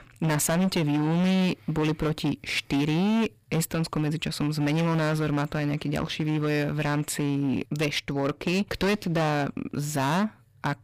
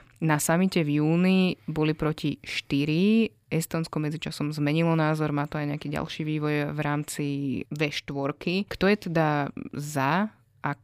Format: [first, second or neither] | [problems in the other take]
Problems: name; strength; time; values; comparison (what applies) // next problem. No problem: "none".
second | distortion; heavy; 18% of the sound clipped